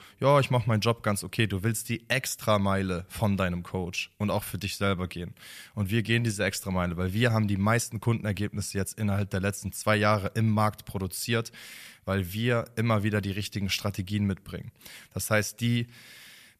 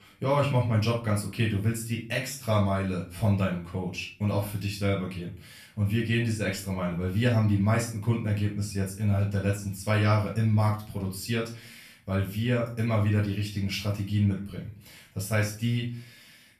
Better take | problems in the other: first | room echo; slight; dies away in 0.3 s // off-mic speech; far

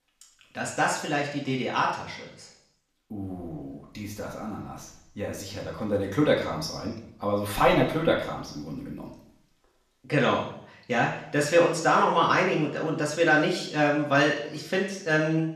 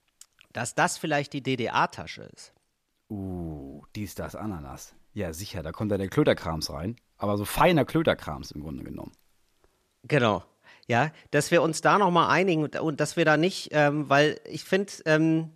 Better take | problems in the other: second | room echo; noticeable; dies away in 0.7 s // off-mic speech; somewhat distant

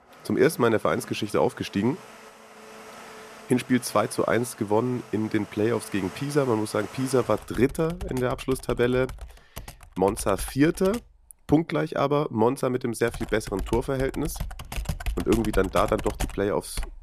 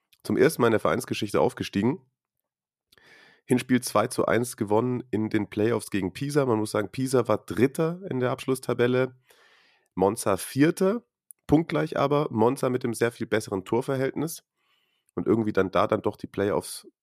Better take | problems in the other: second | household noises; noticeable; throughout; 15 dB below the speech

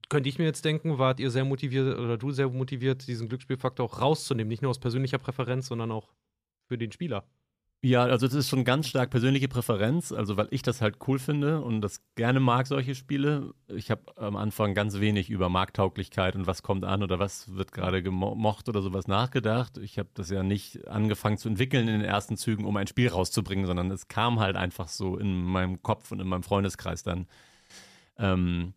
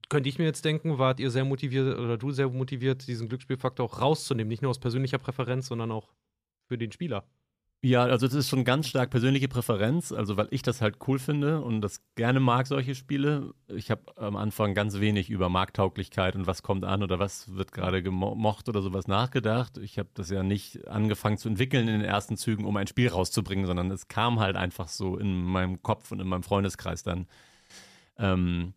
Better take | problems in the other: neither | none

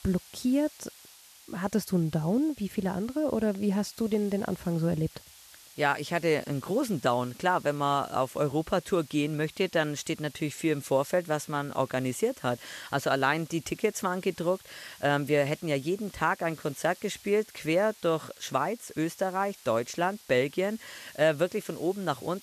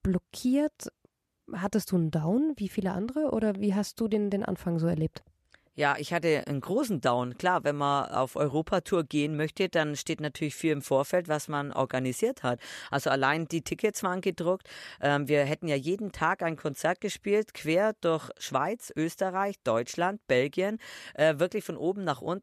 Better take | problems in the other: second | hiss; faint; throughout; 20 dB below the speech

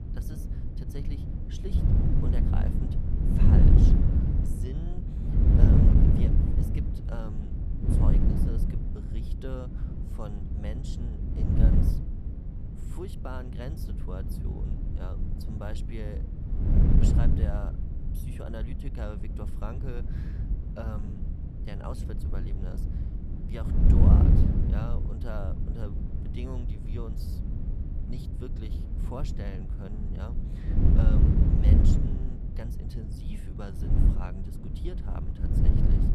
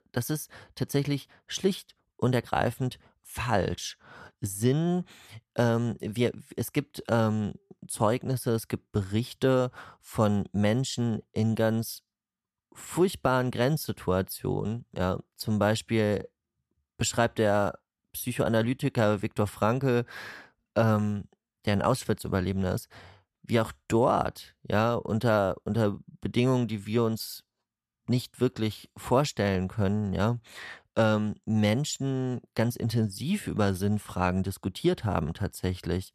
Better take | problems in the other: second | wind noise on the microphone; heavy; 4 dB above the speech

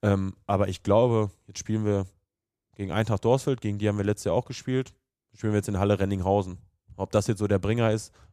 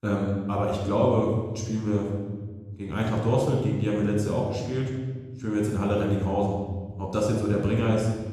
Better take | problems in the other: first | off-mic speech; somewhat distant // room echo; noticeable; dies away in 1.6 s

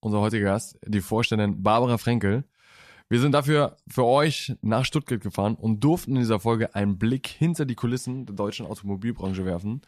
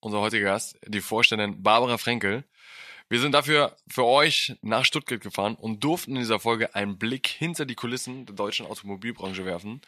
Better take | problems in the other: first | thin; somewhat; fading below 600 Hz

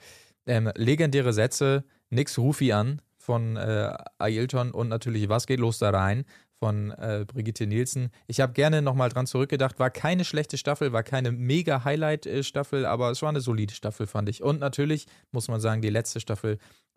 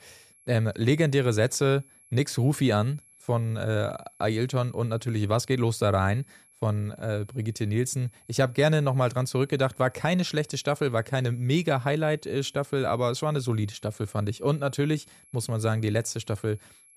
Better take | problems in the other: first | high-pitched whine; faint; throughout; 11 kHz, 30 dB below the speech

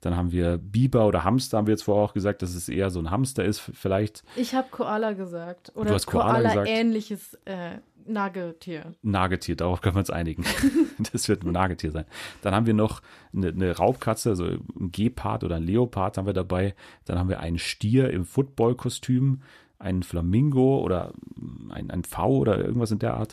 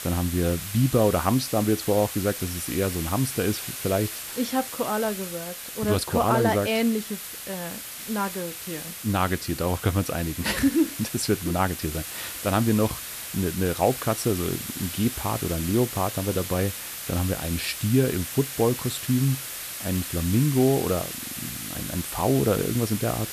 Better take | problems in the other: first | hiss; loud; throughout; 7 dB below the speech

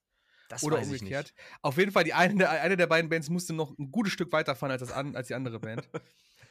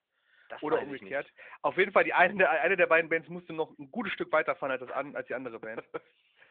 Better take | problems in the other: first | phone-call audio

